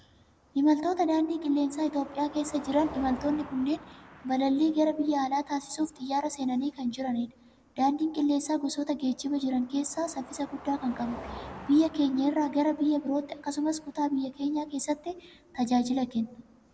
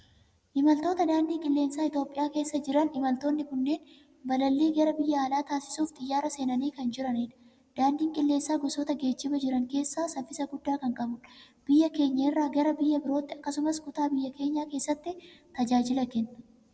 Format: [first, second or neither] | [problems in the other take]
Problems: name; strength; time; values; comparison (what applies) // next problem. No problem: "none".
second | background sound (Car passing by); 20 dB below the speech